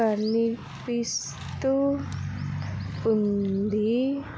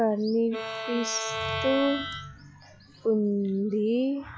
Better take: first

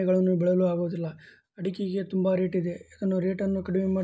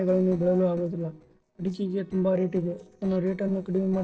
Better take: first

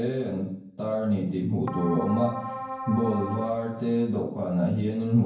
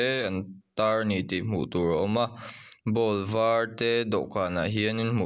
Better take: second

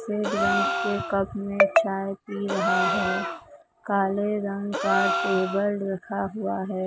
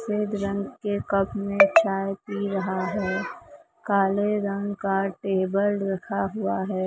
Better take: second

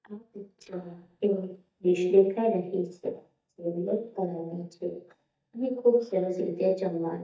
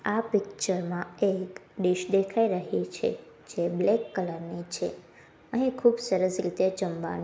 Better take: second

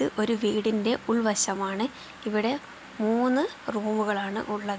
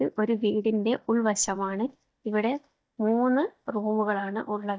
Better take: first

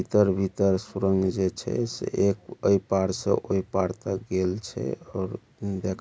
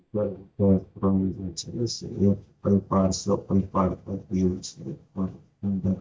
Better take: first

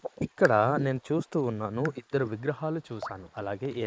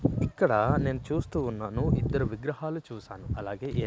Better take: second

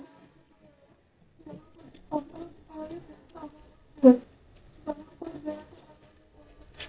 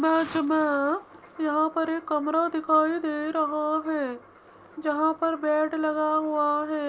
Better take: second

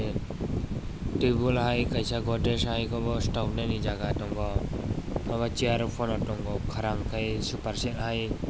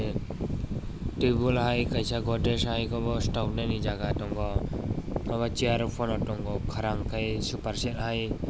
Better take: second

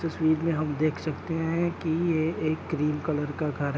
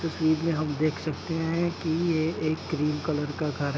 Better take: first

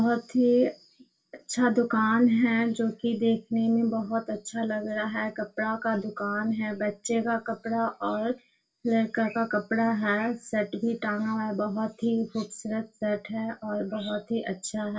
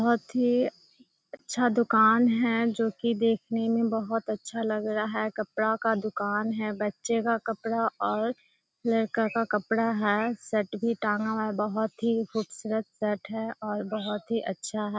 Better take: second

